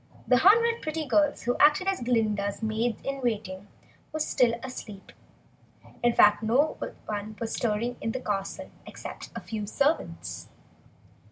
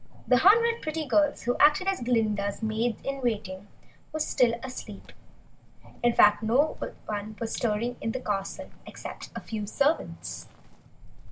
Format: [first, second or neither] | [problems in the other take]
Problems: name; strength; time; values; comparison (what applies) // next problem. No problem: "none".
first | background sound (Cricket); 16 dB below the speech